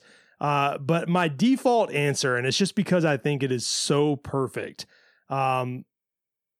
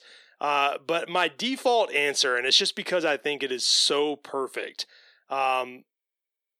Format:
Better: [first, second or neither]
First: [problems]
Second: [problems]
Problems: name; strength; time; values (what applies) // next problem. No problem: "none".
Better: first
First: none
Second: thin; somewhat; fading below 350 Hz